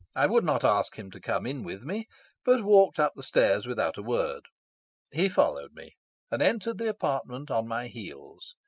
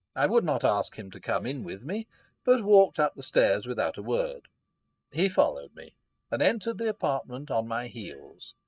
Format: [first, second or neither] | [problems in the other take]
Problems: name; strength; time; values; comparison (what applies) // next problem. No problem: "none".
first | noise reduction (neural mask model DeepFilterNet 3)